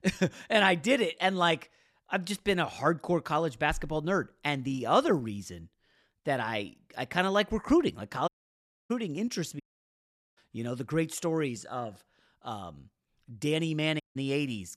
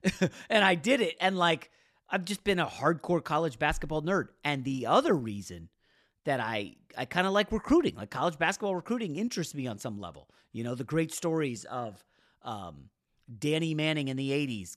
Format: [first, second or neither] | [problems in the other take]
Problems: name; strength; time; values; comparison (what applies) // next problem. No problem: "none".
second | audio cutting out; at 8.5 s for 0.5 s, at 9.5 s for 1 s and at 14 s